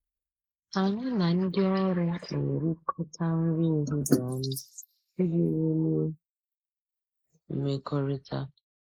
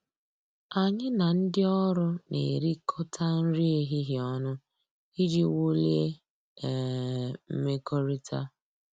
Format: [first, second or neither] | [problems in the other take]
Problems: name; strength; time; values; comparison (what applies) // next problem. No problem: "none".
second | noise reduction (neural mask model Resemble Enhance denoiser)